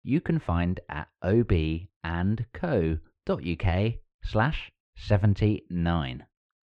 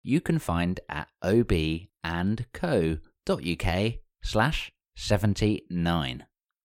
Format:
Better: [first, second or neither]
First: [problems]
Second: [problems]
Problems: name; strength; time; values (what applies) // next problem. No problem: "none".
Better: second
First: muffled; slightly; fading above 2.5 kHz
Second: none